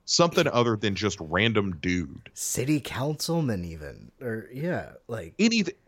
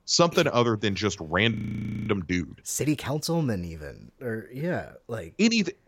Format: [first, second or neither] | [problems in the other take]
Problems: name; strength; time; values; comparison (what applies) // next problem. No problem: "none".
first | audio freezing; at 1.5 s for 0.5 s